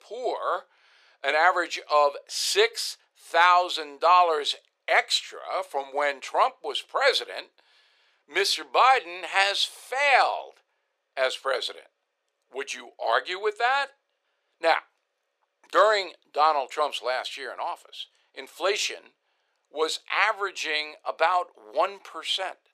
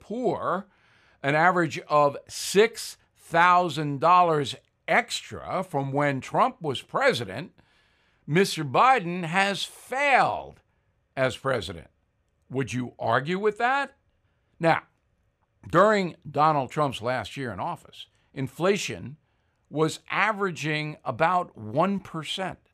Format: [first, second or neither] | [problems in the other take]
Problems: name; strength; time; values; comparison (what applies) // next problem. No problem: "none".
second | thin; very; fading below 400 Hz